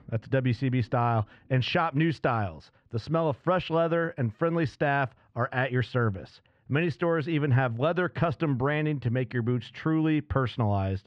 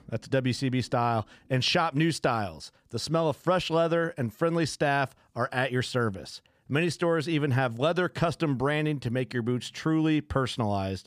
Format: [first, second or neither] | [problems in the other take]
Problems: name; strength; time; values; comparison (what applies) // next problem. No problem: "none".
second | muffled; slightly; fading above 2 kHz